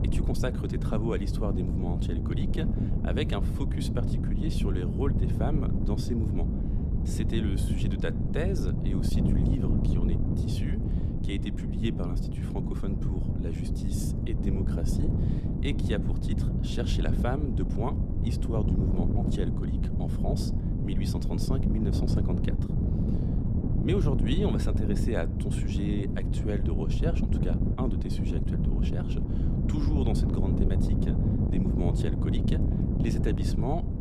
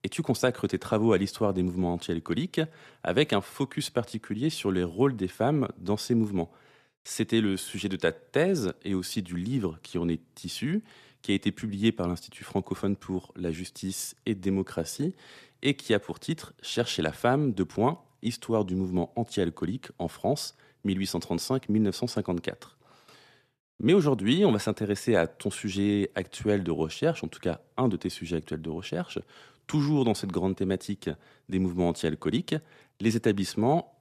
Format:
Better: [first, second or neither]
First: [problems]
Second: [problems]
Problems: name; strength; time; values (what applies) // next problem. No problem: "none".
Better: second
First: wind noise on the microphone; heavy; as loud as the speech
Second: none